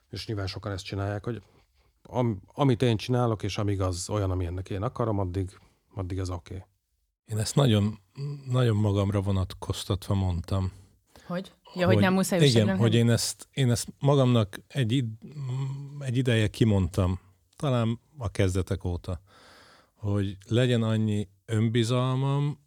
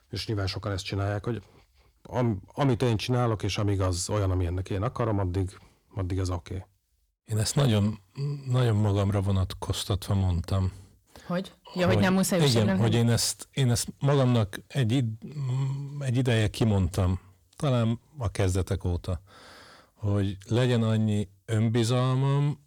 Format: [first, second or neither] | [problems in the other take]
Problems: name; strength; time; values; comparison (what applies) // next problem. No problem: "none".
first | distortion; slight; 10 dB below the speech